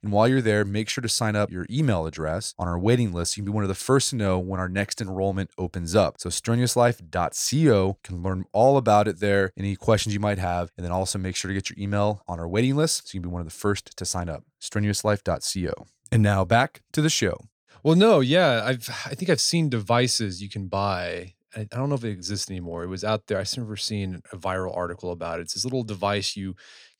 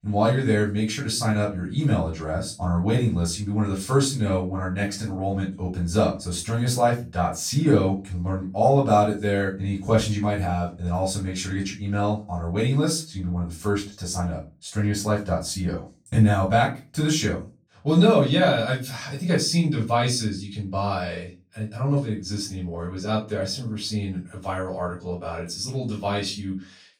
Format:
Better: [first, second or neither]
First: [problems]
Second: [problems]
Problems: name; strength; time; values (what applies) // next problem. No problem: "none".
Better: first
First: none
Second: room echo; slight; dies away in 0.3 s // off-mic speech; far